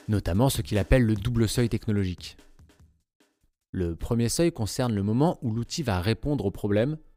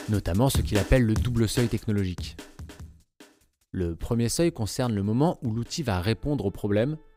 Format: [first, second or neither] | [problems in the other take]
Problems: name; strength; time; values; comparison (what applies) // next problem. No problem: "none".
first | background music; loud; throughout; 9 dB below the speech; faint in the first